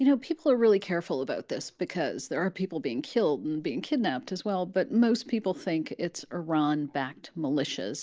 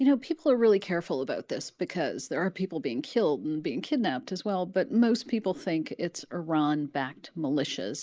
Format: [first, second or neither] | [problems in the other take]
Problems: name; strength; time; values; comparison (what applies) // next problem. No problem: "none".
first | noise reduction (neural mask model Resemble Enhance denoiser)